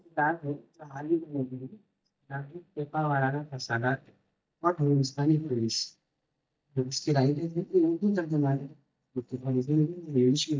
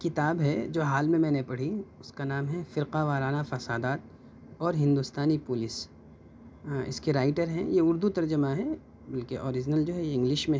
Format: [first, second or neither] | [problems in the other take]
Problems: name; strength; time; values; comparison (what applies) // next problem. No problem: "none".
second | noise reduction (neural mask model DeepFilterNet 3)